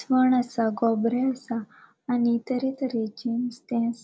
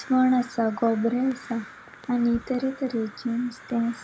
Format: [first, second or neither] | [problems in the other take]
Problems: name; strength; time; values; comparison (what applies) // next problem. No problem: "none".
first | background sound (Crow + Bass drum); 19 dB below the speech